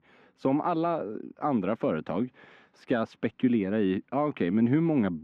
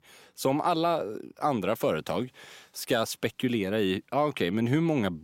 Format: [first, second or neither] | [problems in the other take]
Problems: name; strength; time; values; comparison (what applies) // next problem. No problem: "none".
second | muffled; very; fading above 2 kHz